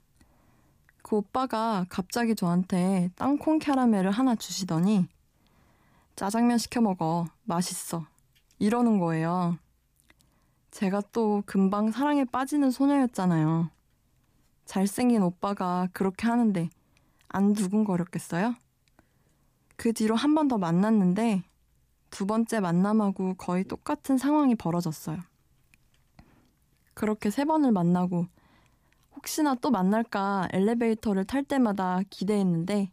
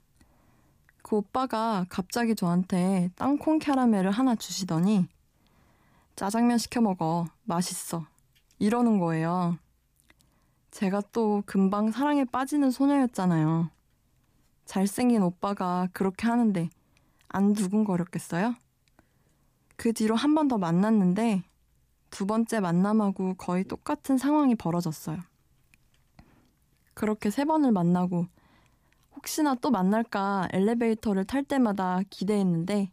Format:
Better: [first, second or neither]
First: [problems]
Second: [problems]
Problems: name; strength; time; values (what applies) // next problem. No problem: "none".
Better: neither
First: none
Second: none